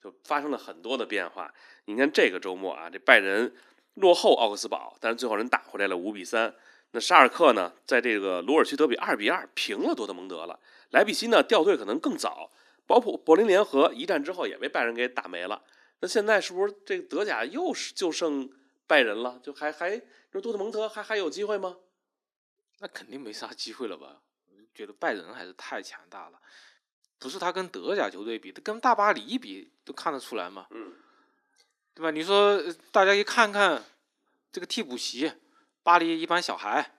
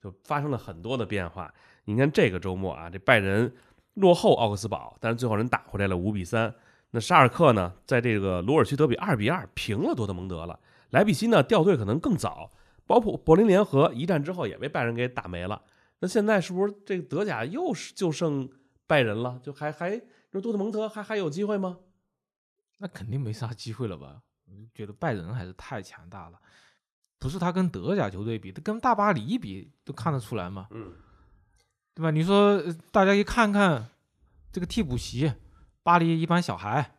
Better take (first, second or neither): second